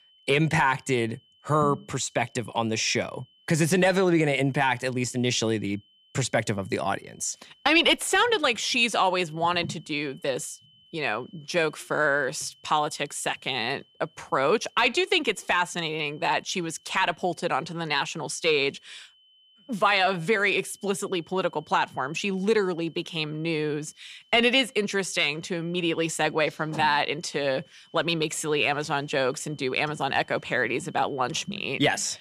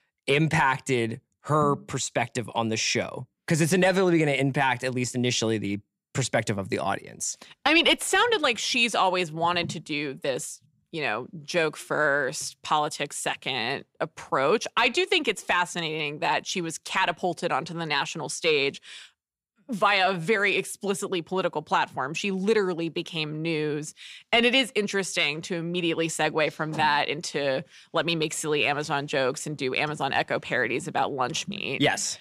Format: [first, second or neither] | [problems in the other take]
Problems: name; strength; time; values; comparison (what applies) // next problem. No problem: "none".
second | high-pitched whine; faint; throughout; 3 kHz, 30 dB below the speech